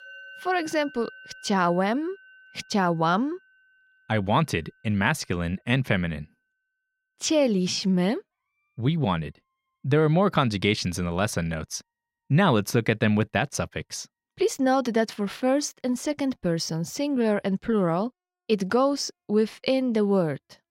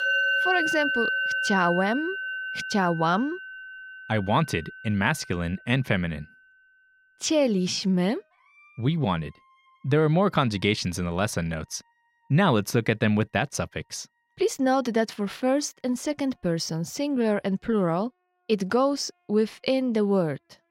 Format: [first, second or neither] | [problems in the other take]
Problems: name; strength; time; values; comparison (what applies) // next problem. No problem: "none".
first | background music; loud; throughout; 3 dB below the speech; faint in the first